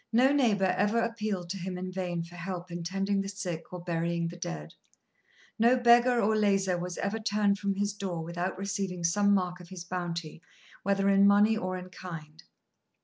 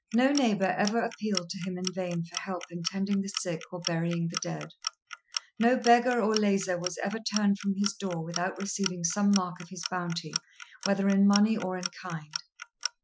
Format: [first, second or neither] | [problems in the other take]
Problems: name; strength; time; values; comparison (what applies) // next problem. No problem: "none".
first | noise reduction (classical method Wiener filter)